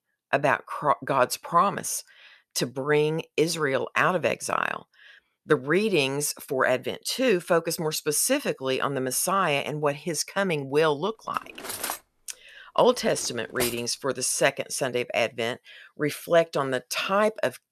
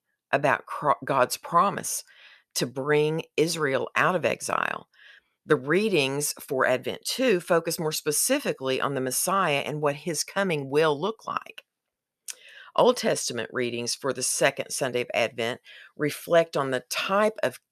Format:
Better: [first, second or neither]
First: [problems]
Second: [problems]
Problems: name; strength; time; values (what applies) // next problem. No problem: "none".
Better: second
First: clattering dishes; noticeable; from 11 to 14 s; peak 5 dB below the speech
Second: none